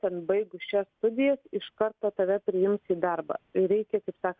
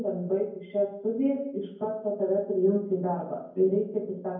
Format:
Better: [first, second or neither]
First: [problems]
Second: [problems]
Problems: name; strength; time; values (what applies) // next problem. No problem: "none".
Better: first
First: none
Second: room echo; dies away in 0.9 s